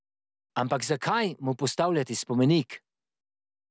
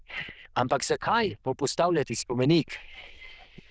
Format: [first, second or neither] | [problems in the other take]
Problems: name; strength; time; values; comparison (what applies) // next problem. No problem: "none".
first | noise reduction (neural diffusion model UNIVERSE++)